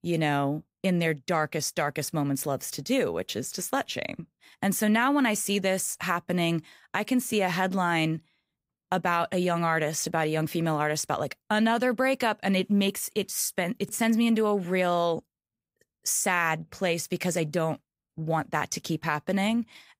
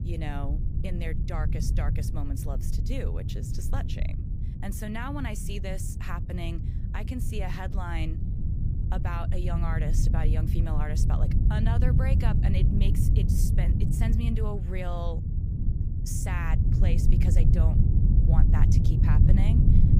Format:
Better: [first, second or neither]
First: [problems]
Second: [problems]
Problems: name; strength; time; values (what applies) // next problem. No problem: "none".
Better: first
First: none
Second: low rumble; loud; throughout; 2 dB below the speech